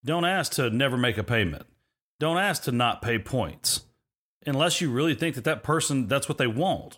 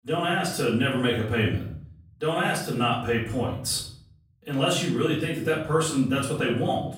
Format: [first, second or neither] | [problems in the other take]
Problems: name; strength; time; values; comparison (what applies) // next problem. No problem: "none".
first | off-mic speech; far // room echo; noticeable; dies away in 0.6 s